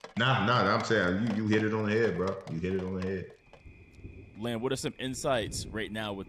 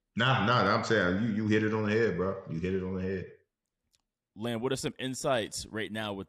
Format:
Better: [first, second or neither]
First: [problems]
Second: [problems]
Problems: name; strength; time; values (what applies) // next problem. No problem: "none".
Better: second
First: rain or running water; noticeable; throughout; 20 dB below the speech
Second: none